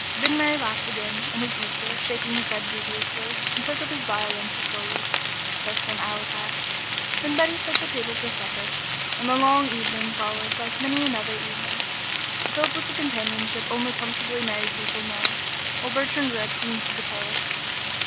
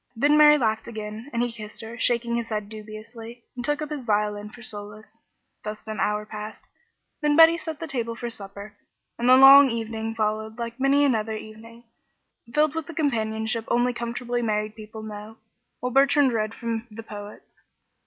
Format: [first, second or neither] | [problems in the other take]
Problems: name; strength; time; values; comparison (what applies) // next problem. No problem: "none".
second | background sound (Frying (food)); 2 dB above the speech